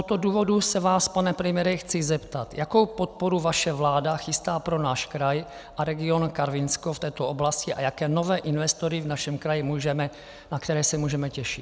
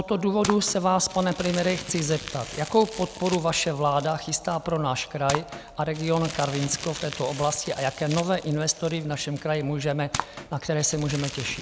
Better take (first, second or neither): first